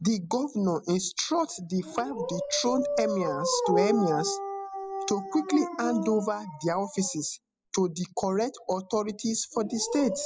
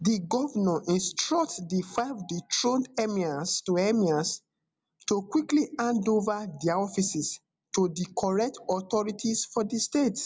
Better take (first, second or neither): second